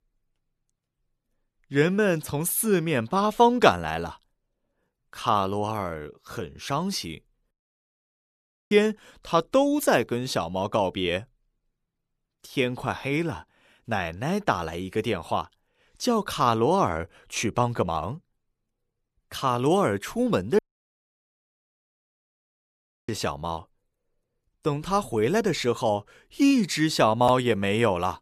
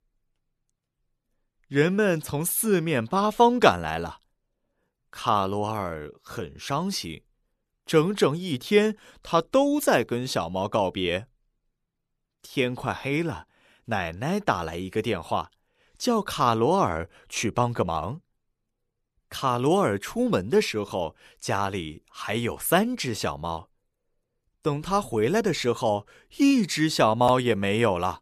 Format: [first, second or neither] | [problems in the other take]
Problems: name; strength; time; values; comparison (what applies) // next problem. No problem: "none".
second | audio cutting out; at 7.5 s for 1 s and at 21 s for 2.5 s